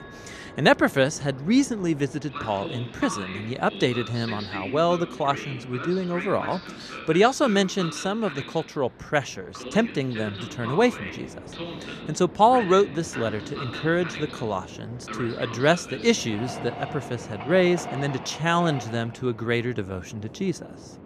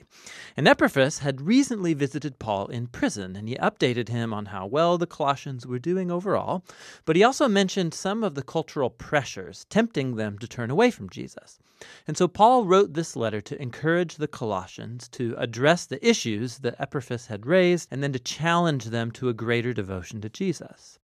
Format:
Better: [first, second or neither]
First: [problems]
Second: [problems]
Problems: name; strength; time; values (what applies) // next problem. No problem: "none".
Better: second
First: train or aircraft noise; noticeable; throughout; 10 dB below the speech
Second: none